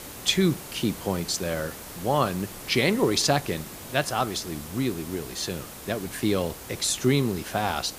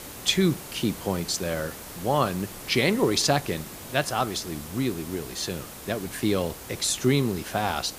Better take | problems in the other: neither | hiss; noticeable; throughout; 10 dB below the speech; the same in both

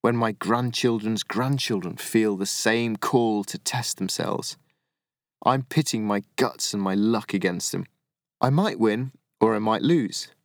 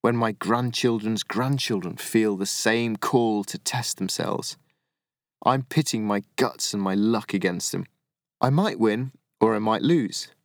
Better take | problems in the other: neither | none

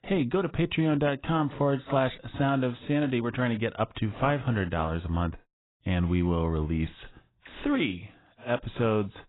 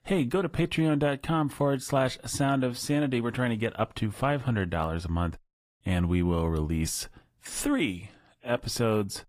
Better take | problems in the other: second | garbled, watery; badly; nothing above 4 kHz; slightly in the second

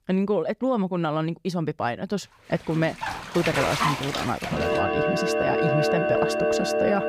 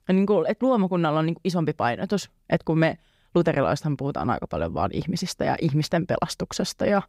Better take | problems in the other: second | household noises; very loud; from 3 s on; 2 dB above the speech

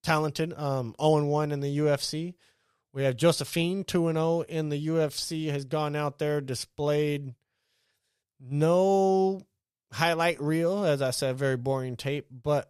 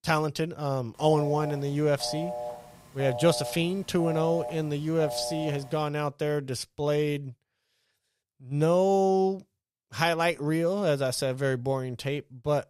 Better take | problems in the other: first | phone ringing; noticeable; from 1 to 6 s; peak 7 dB below the speech

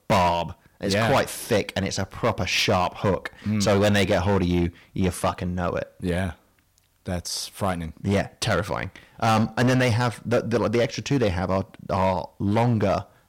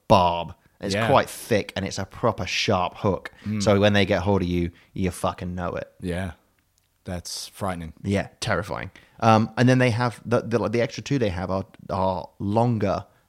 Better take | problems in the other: second | distortion; heavy; 9% of the sound clipped

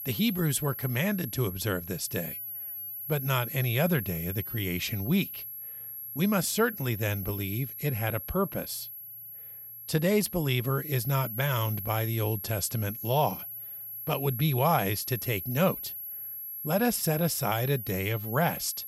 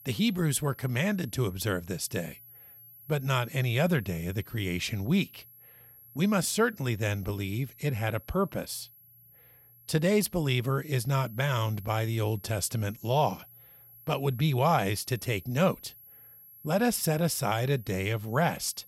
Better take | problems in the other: second | high-pitched whine; loud; throughout; 11.5 kHz, 7 dB below the speech; faint in the second

